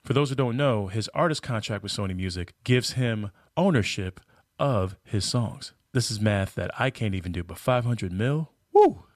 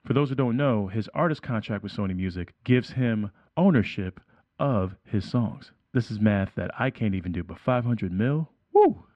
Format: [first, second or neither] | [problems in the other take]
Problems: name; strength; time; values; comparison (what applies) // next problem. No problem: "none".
first | muffled; slightly; fading above 2 kHz